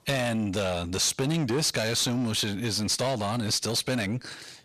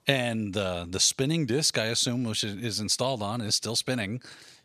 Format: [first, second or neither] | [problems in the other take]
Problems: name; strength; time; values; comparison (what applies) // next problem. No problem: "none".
second | distortion; heavy; 7 dB below the speech